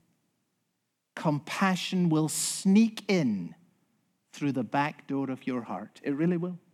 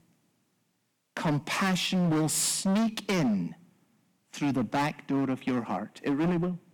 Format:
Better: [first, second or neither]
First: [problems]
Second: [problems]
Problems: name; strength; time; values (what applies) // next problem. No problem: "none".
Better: first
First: none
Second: distortion; heavy; 16% of the sound clipped